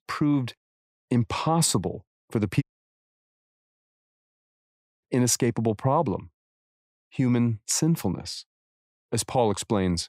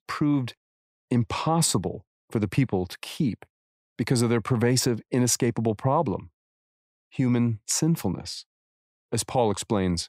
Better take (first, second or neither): second